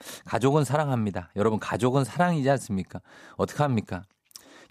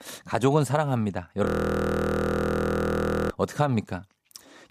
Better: first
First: none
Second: audio freezing; at 1.5 s for 2 s

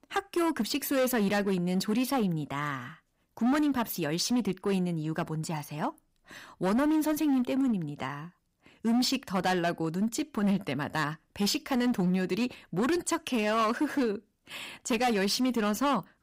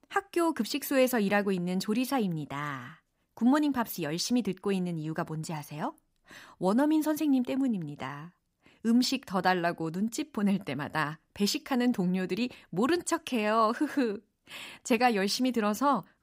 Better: second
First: distortion; slight; 11% of the sound clipped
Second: none

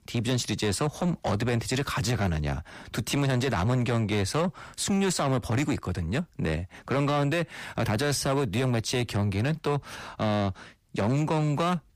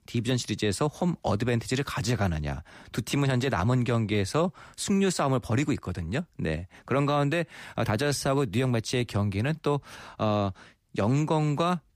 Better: second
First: distortion; slight; 10 dB below the speech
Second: none

